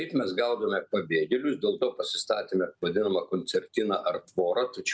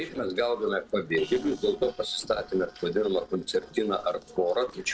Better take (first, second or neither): first